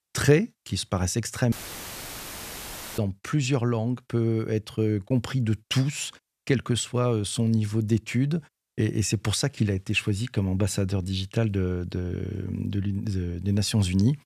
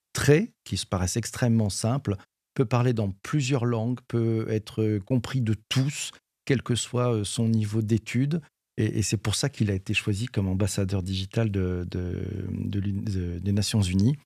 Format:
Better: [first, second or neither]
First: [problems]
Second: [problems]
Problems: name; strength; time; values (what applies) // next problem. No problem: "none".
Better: second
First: audio cutting out; filled with static; at 1.5 s for 1.5 s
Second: none